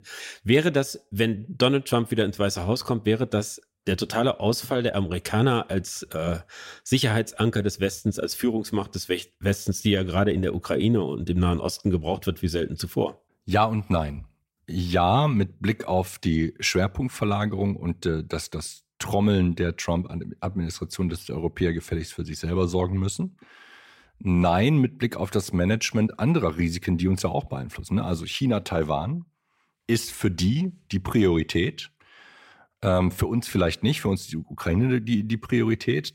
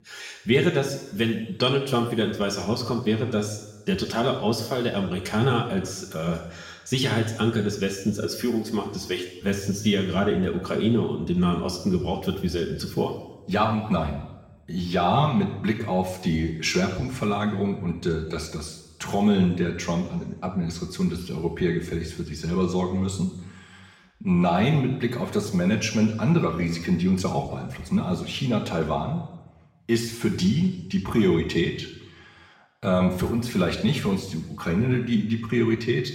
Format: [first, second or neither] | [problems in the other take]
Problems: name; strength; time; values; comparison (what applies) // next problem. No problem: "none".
first | room echo; noticeable; dies away in 1 s // off-mic speech; somewhat distant